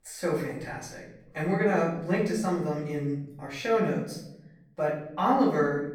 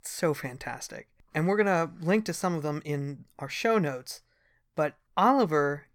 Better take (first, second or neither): second